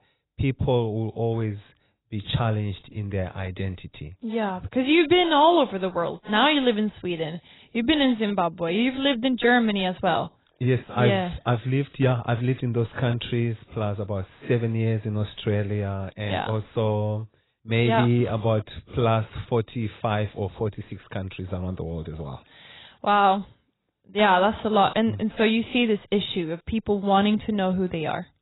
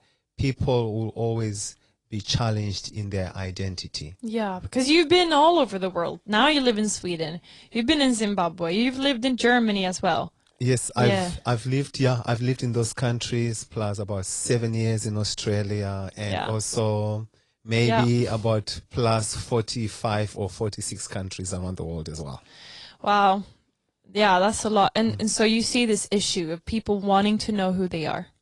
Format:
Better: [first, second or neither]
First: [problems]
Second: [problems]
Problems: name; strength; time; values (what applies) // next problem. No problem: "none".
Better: second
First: garbled, watery; badly; nothing above 4 kHz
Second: garbled, watery; slightly; nothing above 10 kHz